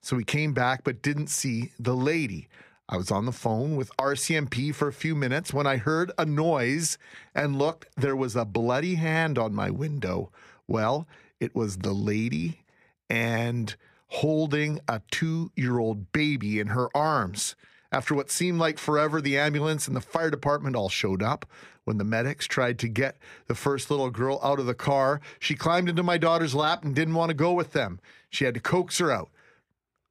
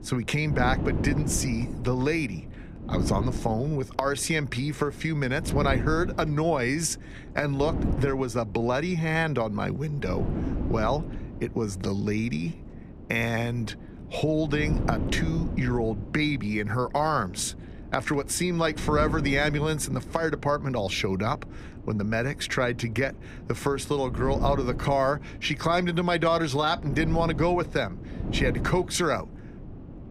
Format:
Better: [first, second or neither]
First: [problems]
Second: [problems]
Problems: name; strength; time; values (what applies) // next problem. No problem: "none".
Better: first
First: none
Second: wind noise on the microphone; occasional gusts; 15 dB below the speech